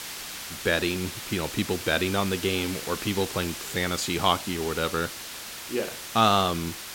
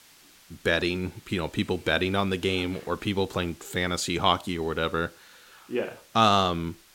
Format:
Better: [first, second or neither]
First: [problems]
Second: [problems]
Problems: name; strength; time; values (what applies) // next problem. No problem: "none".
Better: second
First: hiss; loud; throughout; 8 dB below the speech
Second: hiss; faint; throughout; 25 dB below the speech